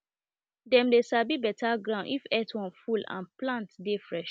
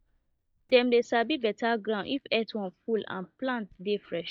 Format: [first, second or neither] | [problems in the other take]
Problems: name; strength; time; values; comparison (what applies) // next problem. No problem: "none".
first | noise reduction (neural mask model DeepFilterNet 3)